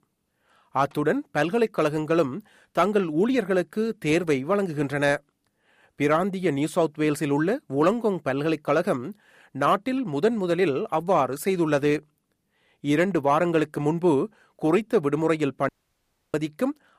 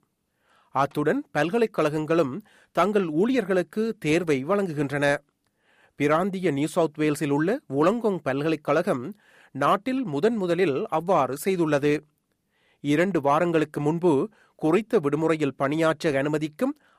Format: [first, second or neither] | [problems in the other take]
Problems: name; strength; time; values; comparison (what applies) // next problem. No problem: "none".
second | audio cutting out; at 16 s for 0.5 s